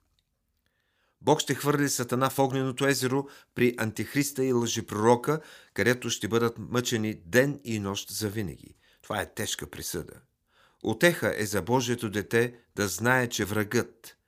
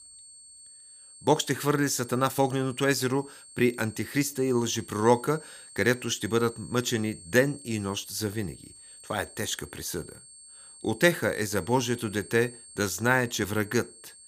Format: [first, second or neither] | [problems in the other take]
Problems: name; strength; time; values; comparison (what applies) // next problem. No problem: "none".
first | high-pitched whine; noticeable; throughout; 8.5 kHz, 20 dB below the speech